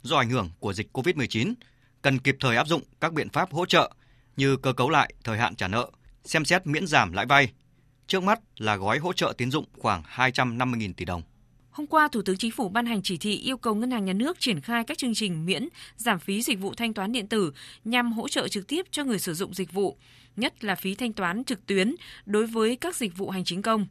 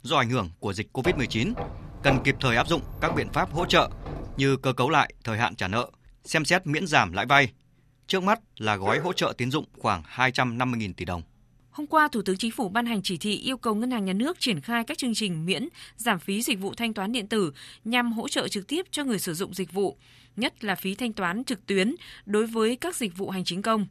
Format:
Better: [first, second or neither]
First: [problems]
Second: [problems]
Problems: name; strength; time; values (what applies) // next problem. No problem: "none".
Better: first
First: none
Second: footsteps; noticeable; from 1 to 4.5 s; peak 4 dB below the speech // dog barking; noticeable; at 9 s; peak 7 dB below the speech